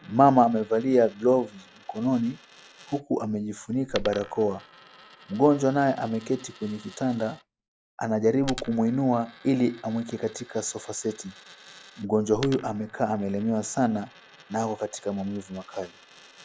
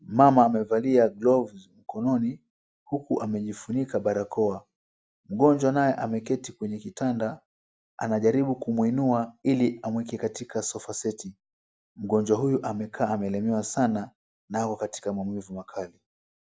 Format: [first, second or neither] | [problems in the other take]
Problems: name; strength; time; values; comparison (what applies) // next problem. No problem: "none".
second | background sound (Coin (dropping)); 20 dB below the speech